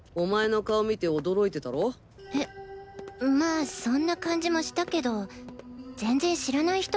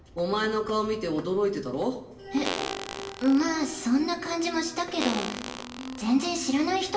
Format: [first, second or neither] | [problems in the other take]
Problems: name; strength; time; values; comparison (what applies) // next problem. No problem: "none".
first | background sound (Fart); 8 dB below the speech // room echo; dies away in 0.7 s